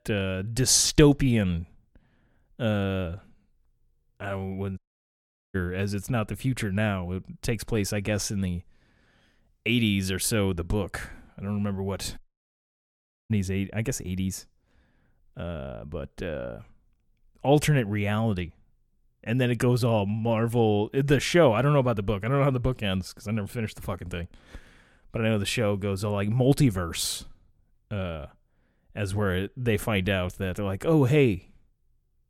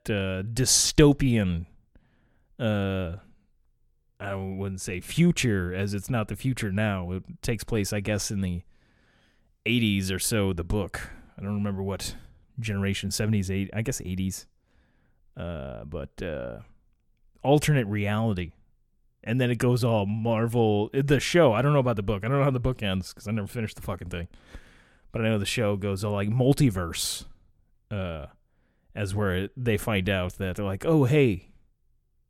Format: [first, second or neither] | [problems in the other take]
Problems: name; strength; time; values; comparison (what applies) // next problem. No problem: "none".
second | audio cutting out; at 5 s for 1 s and at 12 s for 1 s